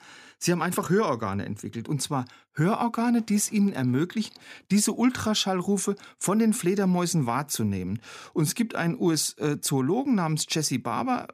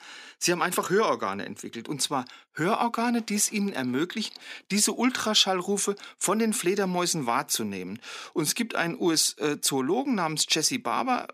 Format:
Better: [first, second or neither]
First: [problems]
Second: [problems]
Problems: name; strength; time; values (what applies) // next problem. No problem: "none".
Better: first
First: none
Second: thin; very slightly; fading below 300 Hz